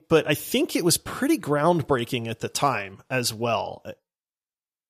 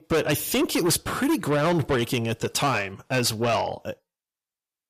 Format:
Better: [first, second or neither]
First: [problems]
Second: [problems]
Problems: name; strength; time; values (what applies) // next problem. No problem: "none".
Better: first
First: none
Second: distortion; heavy; 6 dB below the speech